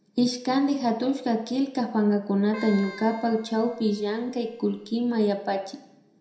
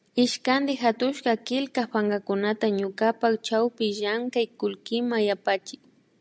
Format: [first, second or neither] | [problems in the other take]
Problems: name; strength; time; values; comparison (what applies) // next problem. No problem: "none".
second | background sound (Keyboard (musical)); 19 dB below the speech // room echo; dies away in 0.6 s